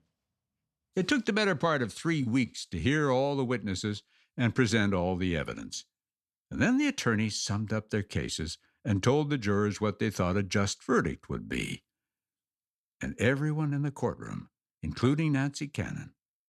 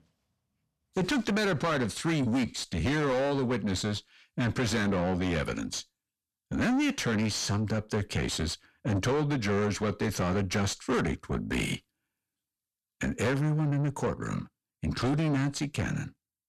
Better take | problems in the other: first | distortion; heavy; 6 dB below the speech

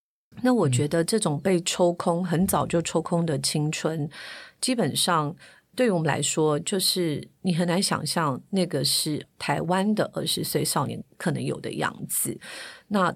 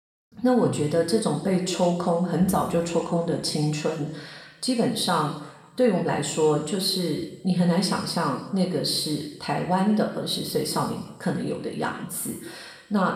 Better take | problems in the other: first | room echo; noticeable; dies away in 0.9 s // off-mic speech; somewhat distant

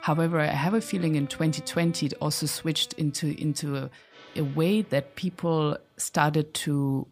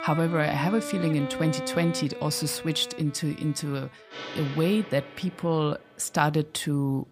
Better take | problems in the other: first | background music; loud; throughout; 10 dB below the speech; faint in the first

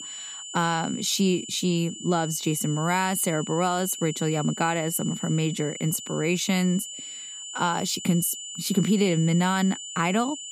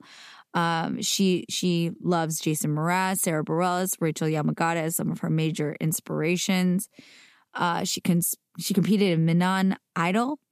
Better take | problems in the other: second | high-pitched whine; loud; throughout; 7 kHz, 10 dB below the speech

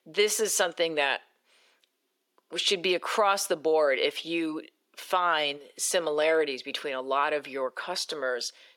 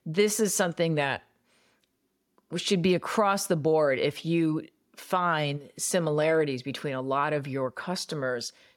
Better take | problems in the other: second | thin; very; fading below 350 Hz

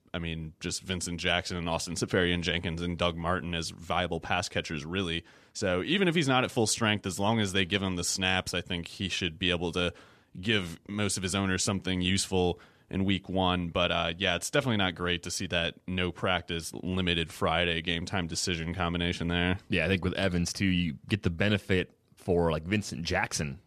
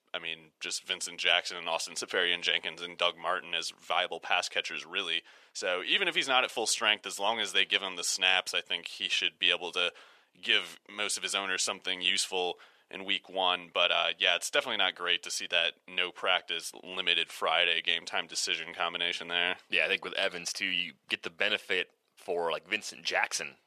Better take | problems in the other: first | thin; very; fading below 650 Hz

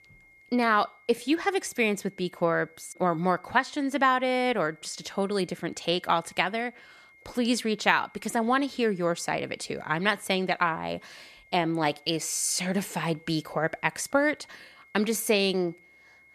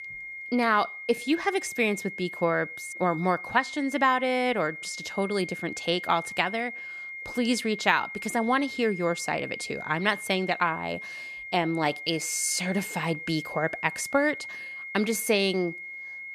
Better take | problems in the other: first | high-pitched whine; loud; throughout; 2 kHz, 9 dB below the speech; faint in the first

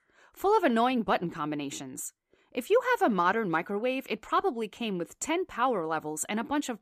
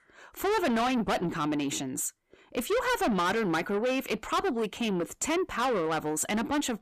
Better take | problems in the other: first | distortion; heavy; 6 dB below the speech

